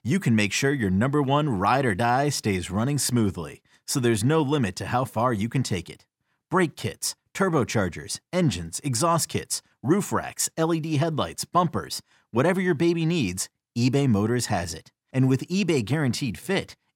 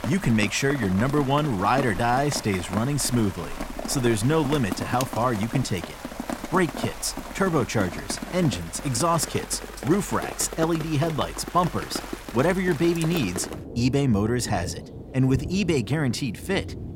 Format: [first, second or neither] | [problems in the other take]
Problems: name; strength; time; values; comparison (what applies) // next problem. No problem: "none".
first | rain or running water; loud; throughout; 10 dB below the speech